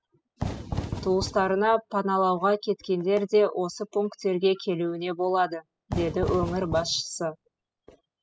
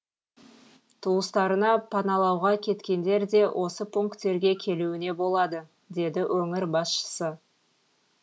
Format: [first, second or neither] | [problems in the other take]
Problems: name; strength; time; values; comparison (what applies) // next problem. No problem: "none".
second | noise reduction (classical method spectral subtraction)